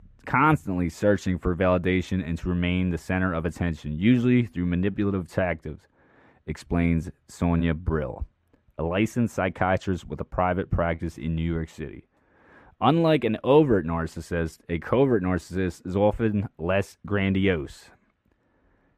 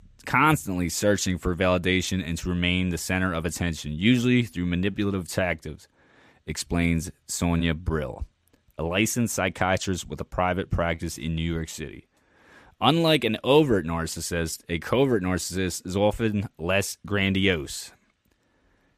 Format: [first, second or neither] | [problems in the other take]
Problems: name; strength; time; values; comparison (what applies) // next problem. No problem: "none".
second | muffled; very; fading above 3 kHz